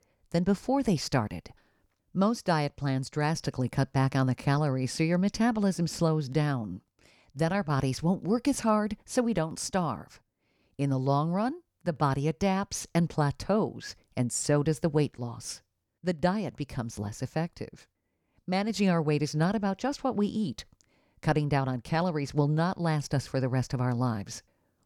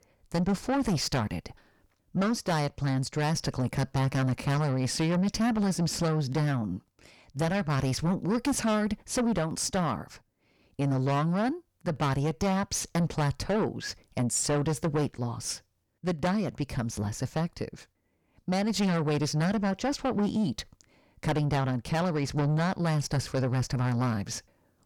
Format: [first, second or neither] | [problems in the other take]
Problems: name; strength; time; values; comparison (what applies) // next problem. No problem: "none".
first | distortion; heavy; 7 dB below the speech